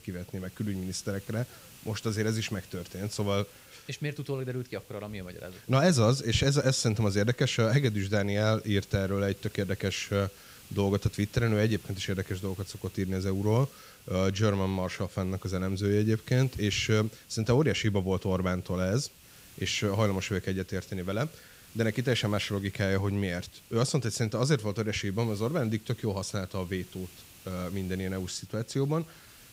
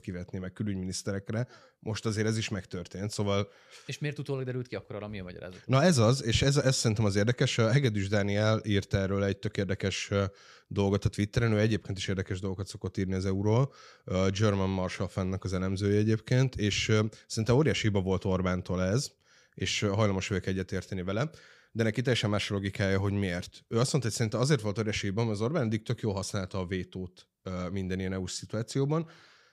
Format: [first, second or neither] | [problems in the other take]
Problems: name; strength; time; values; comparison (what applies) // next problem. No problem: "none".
second | hiss; faint; throughout; 20 dB below the speech